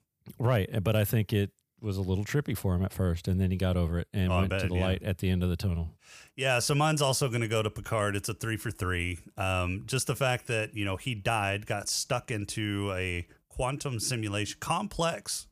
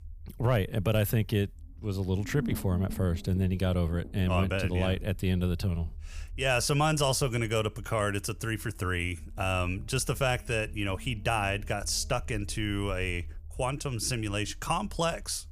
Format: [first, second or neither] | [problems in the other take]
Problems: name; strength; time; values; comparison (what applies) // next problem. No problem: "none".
first | low rumble; faint; throughout; 20 dB below the speech